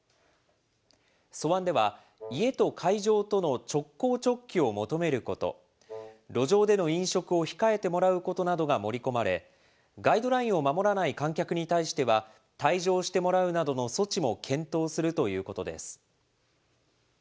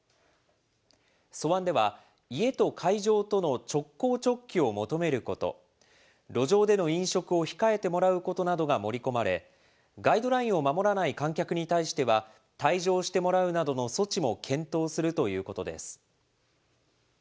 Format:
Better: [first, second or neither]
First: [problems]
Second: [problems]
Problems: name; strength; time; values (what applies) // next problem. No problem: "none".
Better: second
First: background sound (Wind instrument, woodwind instrument); 17 dB below the speech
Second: none